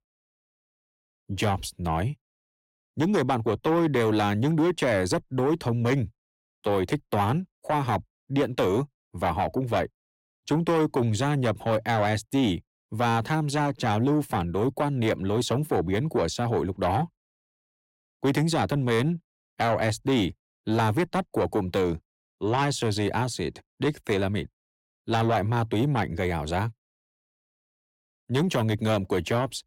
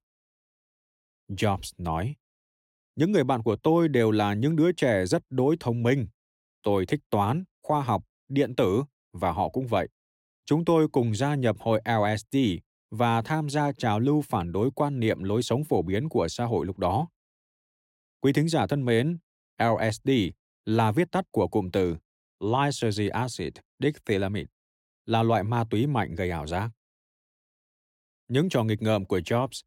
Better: second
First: distortion; slight; 10 dB below the speech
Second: none

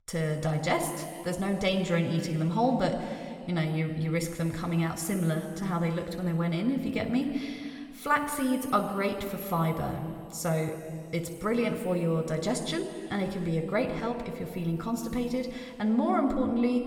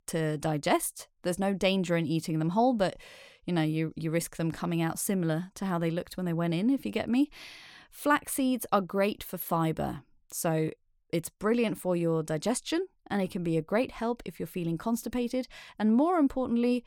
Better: second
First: room echo; noticeable; dies away in 2.4 s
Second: none

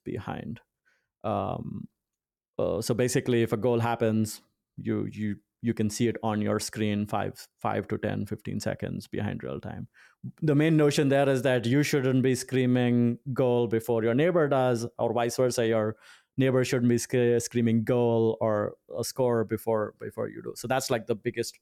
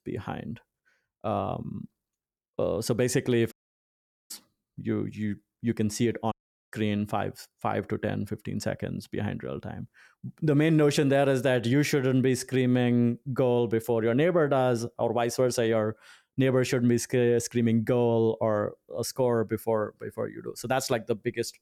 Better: first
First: none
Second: audio cutting out; at 3.5 s for 1 s and at 6.5 s

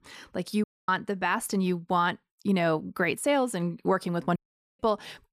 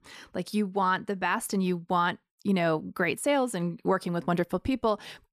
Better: second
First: audio cutting out; at 0.5 s and at 4.5 s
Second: none

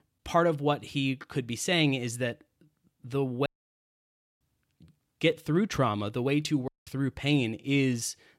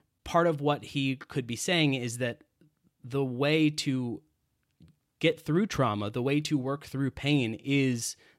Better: second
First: audio cutting out; at 3.5 s for 1 s and at 6.5 s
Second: none

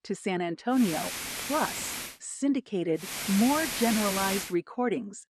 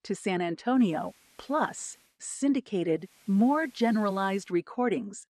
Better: second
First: hiss; loud; from 1 to 2 s and from 3 to 4.5 s; 4 dB below the speech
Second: hiss; faint; from 1 to 2 s and from 3 to 4.5 s; 30 dB below the speech

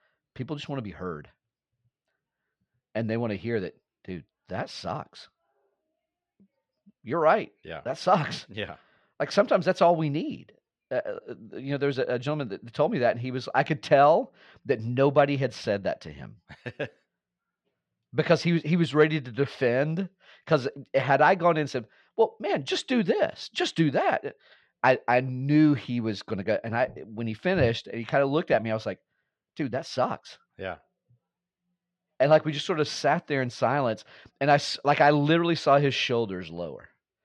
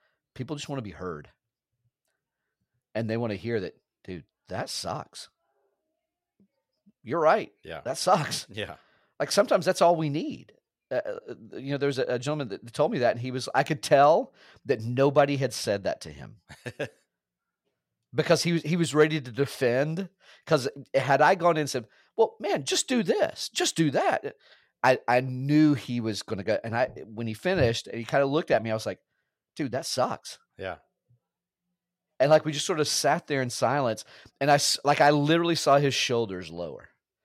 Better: second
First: muffled; very slightly; fading above 3 kHz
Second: none

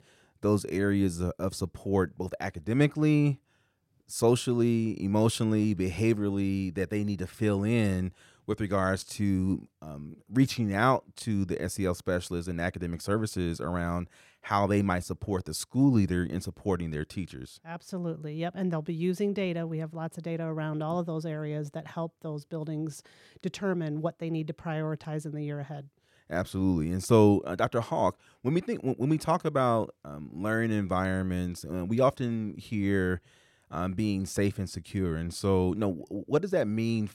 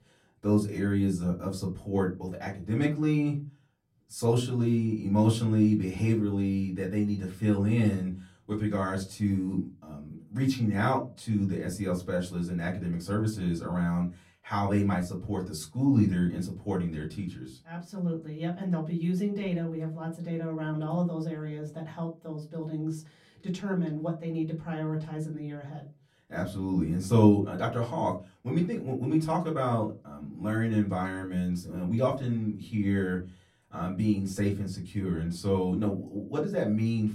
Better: first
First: none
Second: off-mic speech; far // room echo; very slight; dies away in 0.2 s

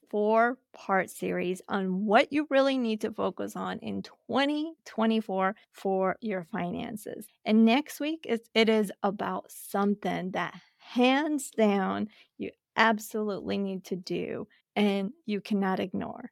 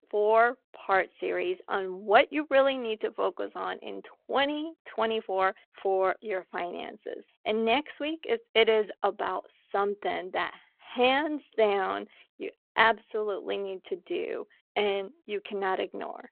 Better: first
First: none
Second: phone-call audio

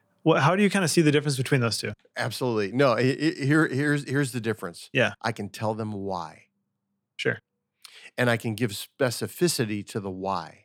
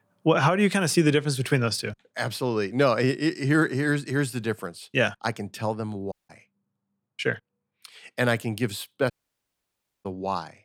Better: first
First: none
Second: audio cutting out; at 6 s and at 9 s for 1 s

